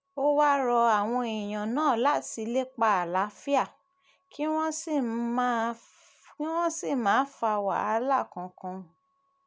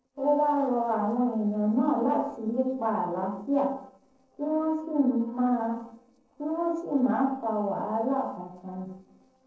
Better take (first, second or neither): first